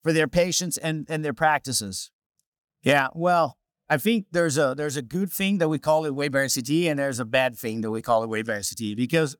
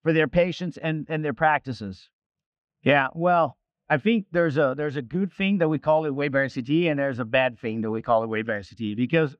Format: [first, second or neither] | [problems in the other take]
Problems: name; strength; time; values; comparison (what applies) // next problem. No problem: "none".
first | muffled; very; fading above 3 kHz